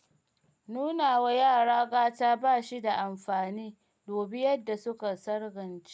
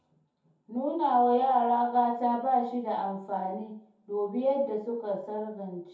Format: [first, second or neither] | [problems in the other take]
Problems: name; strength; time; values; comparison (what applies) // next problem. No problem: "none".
first | room echo; dies away in 0.6 s